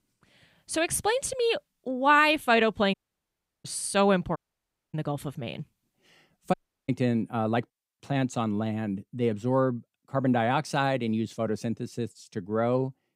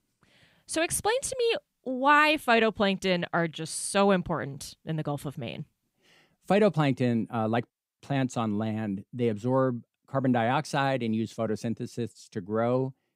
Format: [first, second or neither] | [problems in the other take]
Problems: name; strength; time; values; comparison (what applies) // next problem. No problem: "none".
second | audio cutting out; at 3 s for 0.5 s, at 4.5 s for 0.5 s and at 6.5 s